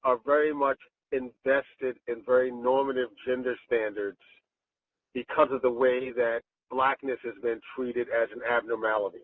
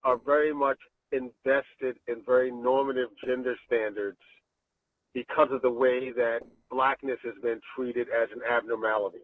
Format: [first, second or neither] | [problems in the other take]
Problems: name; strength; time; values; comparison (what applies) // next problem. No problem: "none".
first | noise reduction (neural separator model SepFormer DNS4)